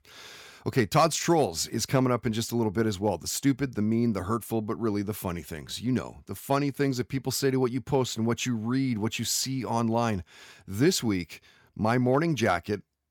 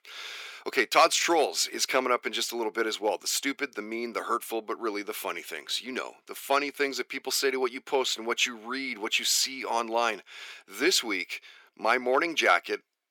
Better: first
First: none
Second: thin; very; fading below 350 Hz

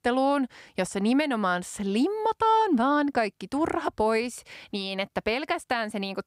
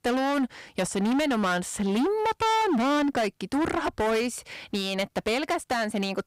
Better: first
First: none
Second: distortion; heavy; 23% of the sound clipped

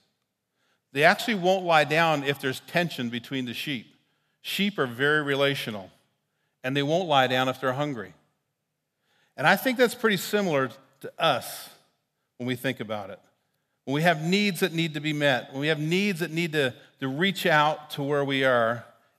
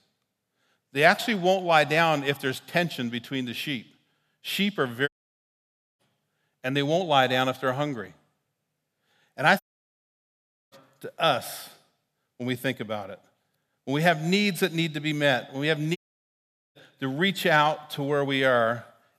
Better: first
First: none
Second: audio cutting out; at 5 s for 1 s, at 9.5 s for 1 s and at 16 s for 1 s

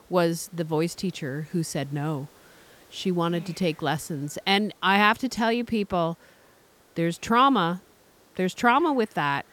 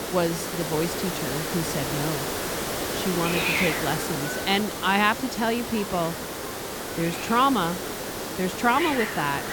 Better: first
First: hiss; faint; throughout; 30 dB below the speech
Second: hiss; loud; throughout; 2 dB below the speech

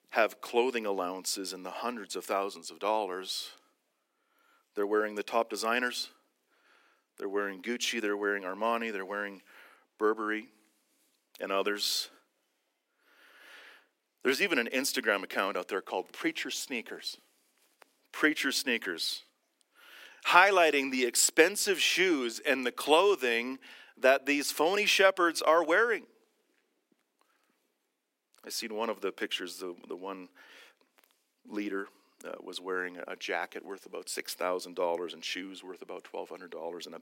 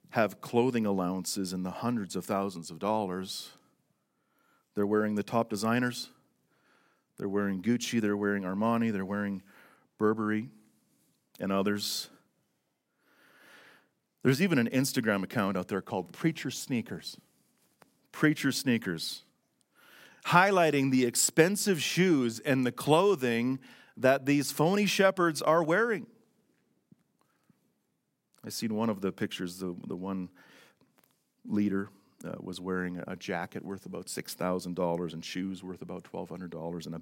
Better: second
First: thin; somewhat; fading below 300 Hz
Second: none

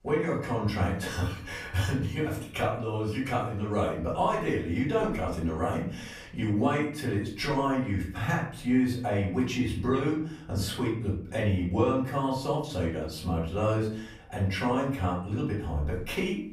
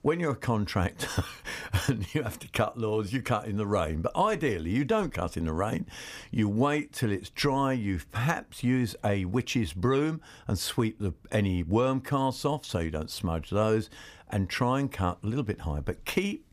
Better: second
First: off-mic speech; far // room echo; slight; dies away in 0.5 s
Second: none

